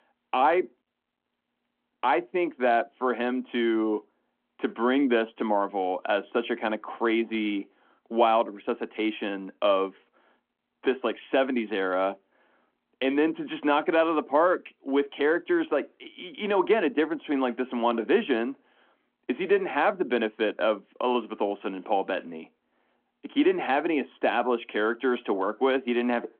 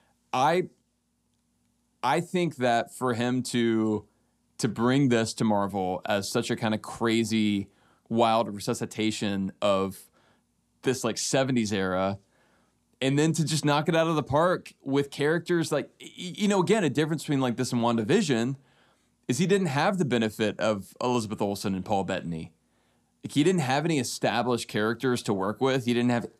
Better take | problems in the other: second | phone-call audio

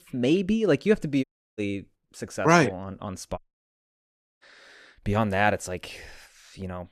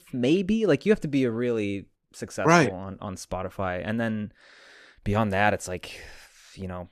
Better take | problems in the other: second | audio cutting out; at 1 s and at 3.5 s for 1 s

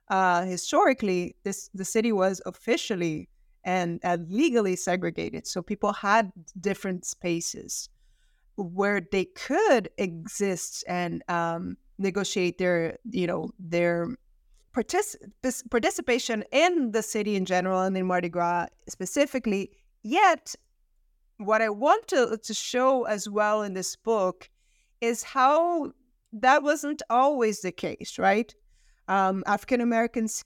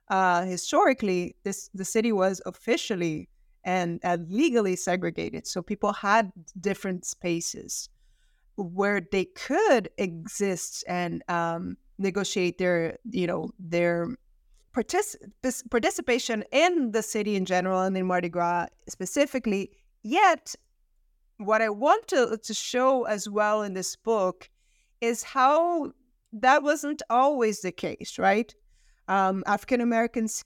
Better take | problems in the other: neither | none

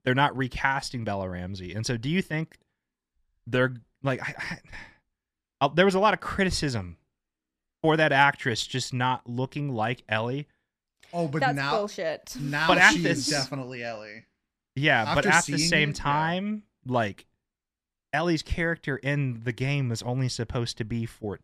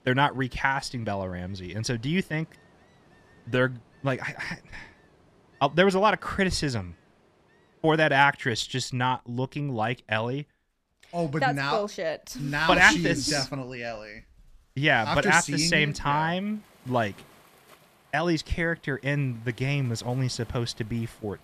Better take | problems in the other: first | rain or running water; faint; throughout; 30 dB below the speech

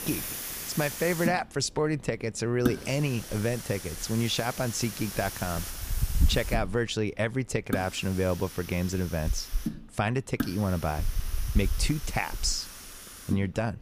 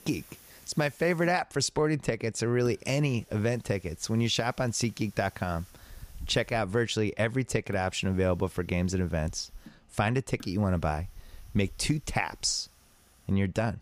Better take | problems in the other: second | hiss; loud; throughout; 5 dB below the speech; faint in the second

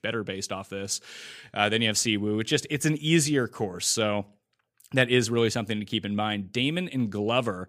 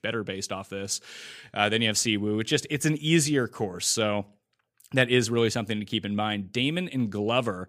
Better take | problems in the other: neither | none

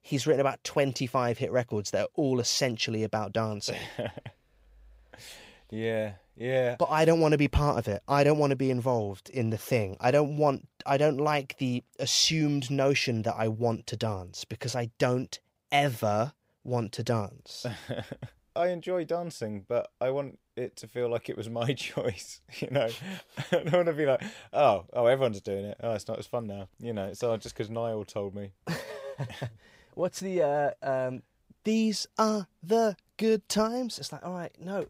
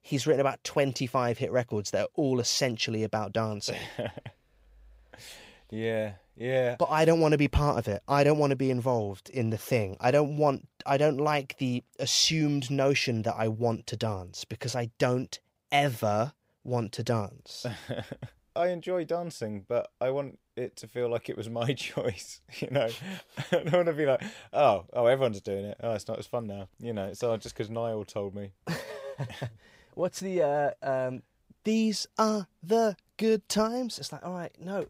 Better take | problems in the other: neither | none

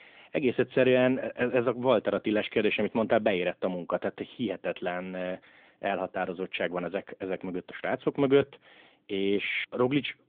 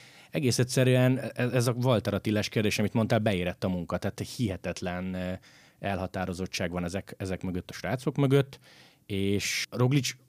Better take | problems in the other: second | phone-call audio; nothing above 3.5 kHz

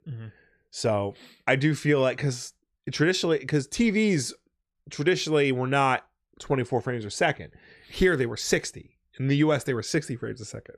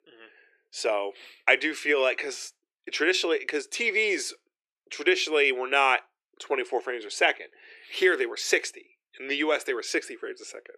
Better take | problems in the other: first | thin; very; fading below 350 Hz

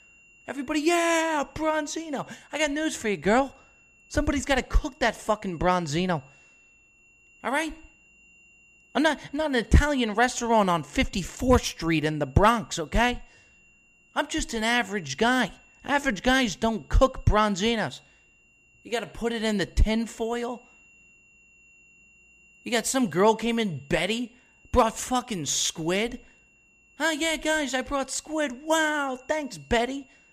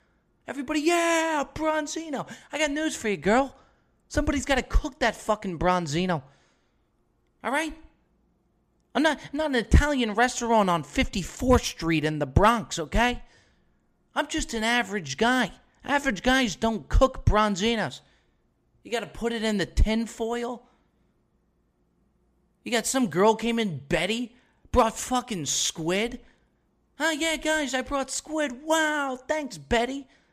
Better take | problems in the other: second | high-pitched whine; faint; throughout; 3 kHz, 30 dB below the speech

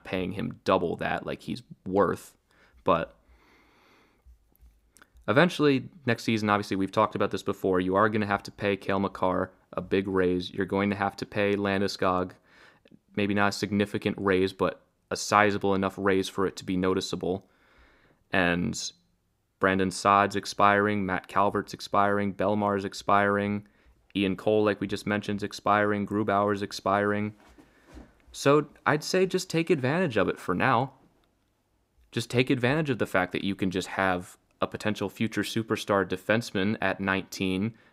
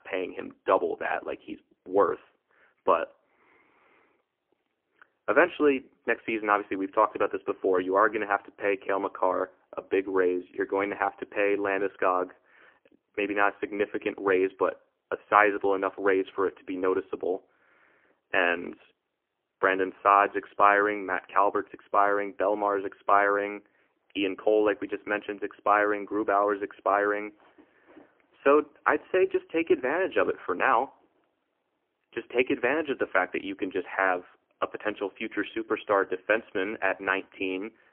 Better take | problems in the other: first | phone-call audio; poor line

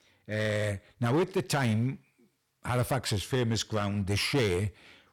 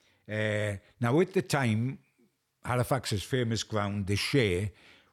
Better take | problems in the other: second | distortion; slight; 7% of the sound clipped

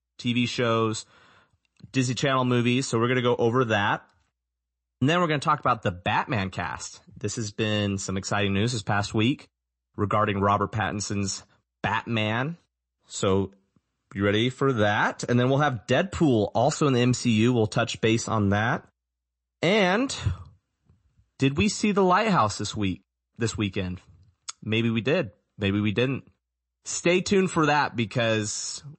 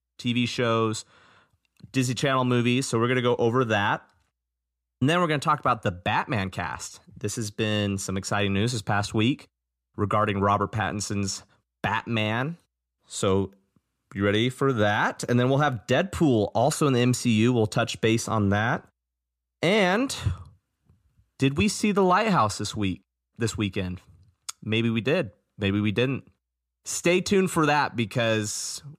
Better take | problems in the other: second | garbled, watery; slightly; nothing above 8 kHz

